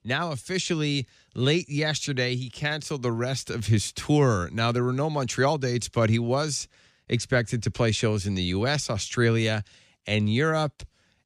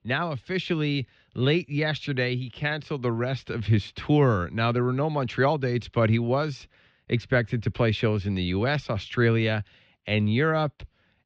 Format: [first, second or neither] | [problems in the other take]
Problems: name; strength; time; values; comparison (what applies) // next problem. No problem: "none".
first | muffled; slightly; fading above 3.5 kHz